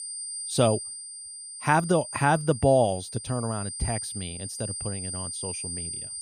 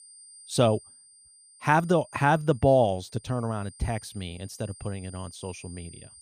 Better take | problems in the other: second | high-pitched whine; loud; throughout; 9 kHz, 8 dB below the speech; faint in the second

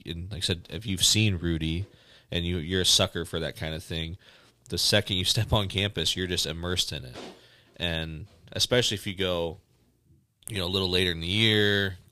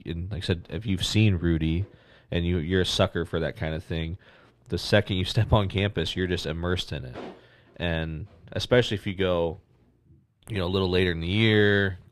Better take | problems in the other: first | muffled; slightly; fading above 3.5 kHz

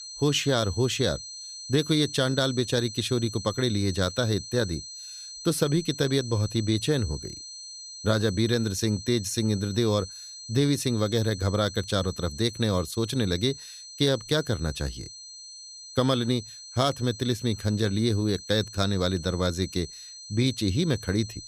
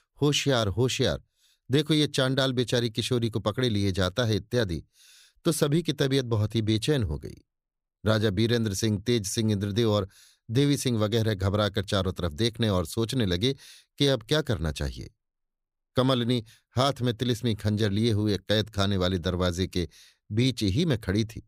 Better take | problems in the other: second | high-pitched whine; noticeable; throughout; 4 kHz, 15 dB below the speech

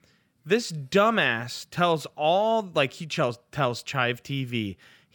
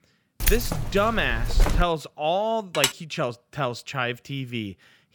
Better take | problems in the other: first | jangling keys; loud; until 2 s; peak 2 dB above the speech // clattering dishes; loud; at 2.5 s; peak 2 dB above the speech

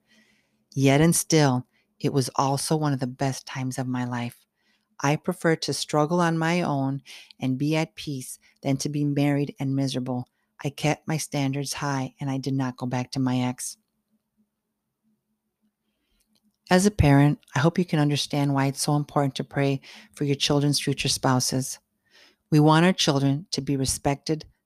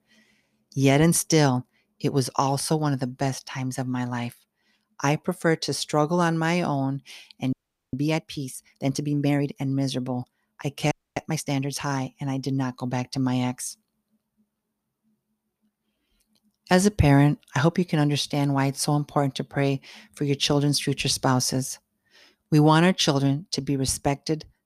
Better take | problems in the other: first | audio freezing; at 7.5 s and at 11 s

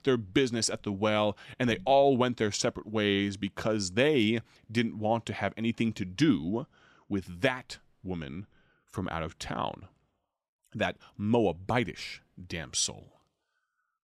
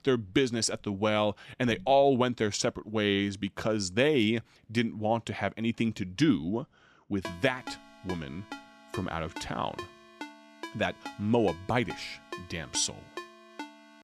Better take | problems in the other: first | phone ringing; faint; from 7 s on; peak 15 dB below the speech

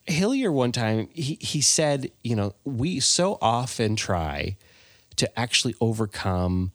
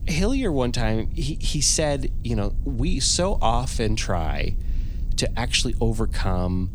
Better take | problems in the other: first | low rumble; faint; throughout; 25 dB below the speech

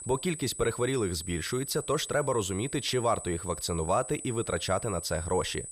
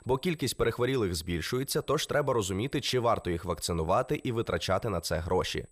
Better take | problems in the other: second | high-pitched whine; loud; throughout; 8 kHz, 9 dB below the speech; faint in the second

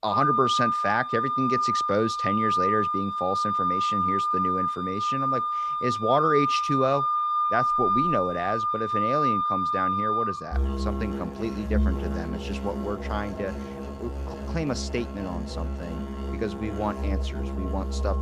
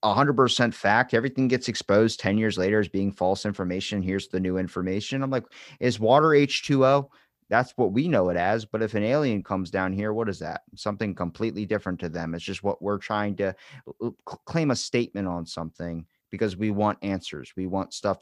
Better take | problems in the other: second | background music; very loud; throughout; 3 dB above the speech

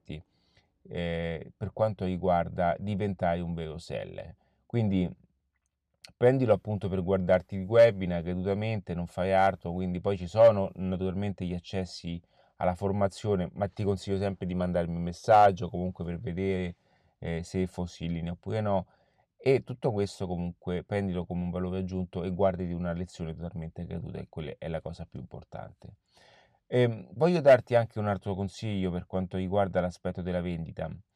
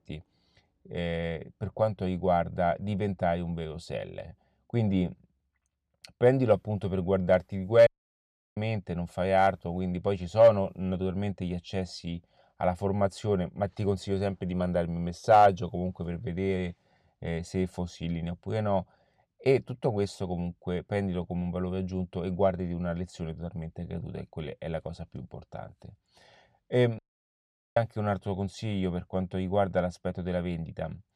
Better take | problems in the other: first | audio cutting out; at 8 s for 0.5 s and at 27 s for 1 s

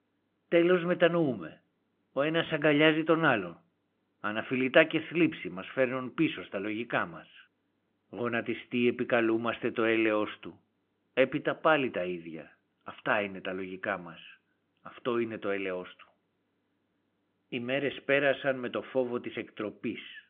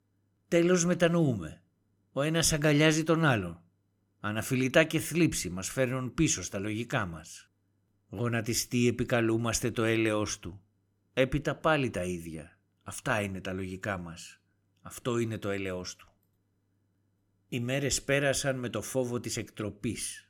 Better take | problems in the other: second | phone-call audio

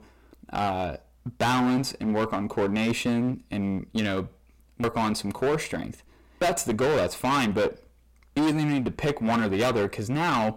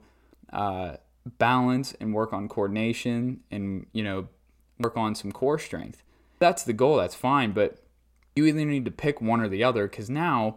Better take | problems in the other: second | distortion; heavy; 18% of the sound clipped

